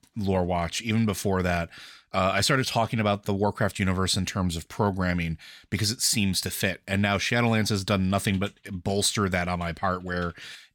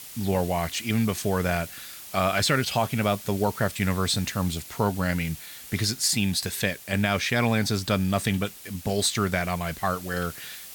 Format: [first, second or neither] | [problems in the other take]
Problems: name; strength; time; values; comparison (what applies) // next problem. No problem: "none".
first | hiss; noticeable; throughout; 15 dB below the speech